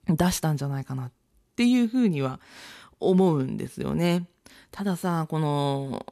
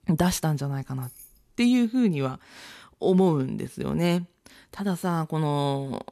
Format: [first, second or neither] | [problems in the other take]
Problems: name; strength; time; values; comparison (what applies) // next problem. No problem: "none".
first | jangling keys; faint; at 1 s; peak 20 dB below the speech